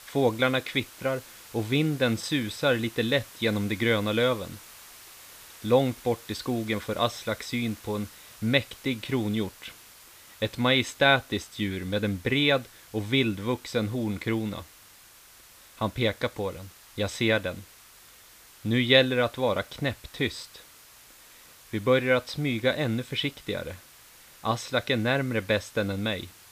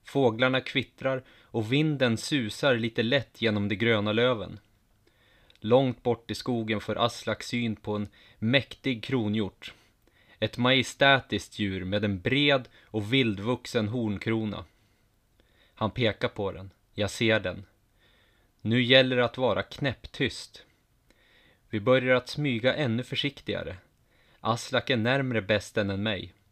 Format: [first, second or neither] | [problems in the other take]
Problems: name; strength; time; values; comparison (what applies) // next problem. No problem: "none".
second | hiss; faint; throughout; 20 dB below the speech